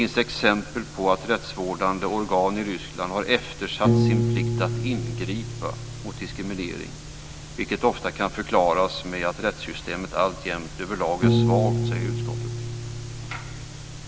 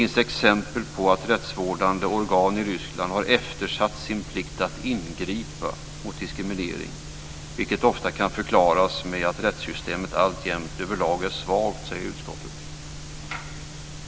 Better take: second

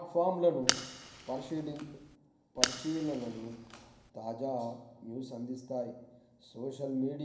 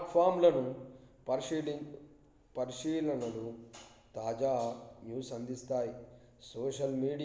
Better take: second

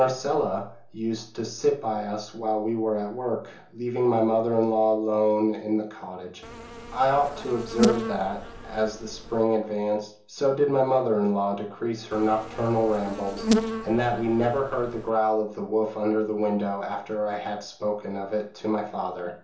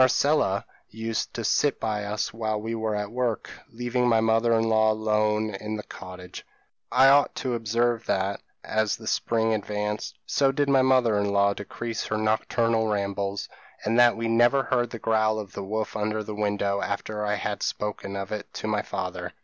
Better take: second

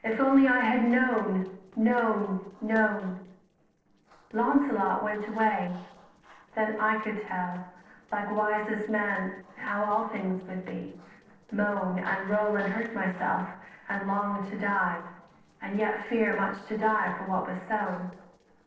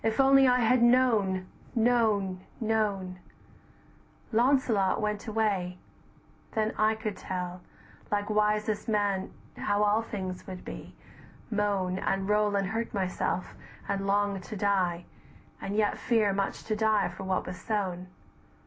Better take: second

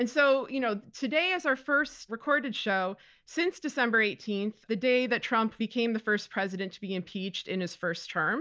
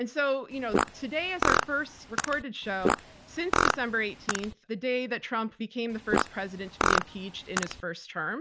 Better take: first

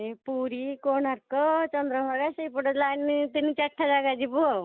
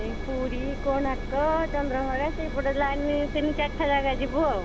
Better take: first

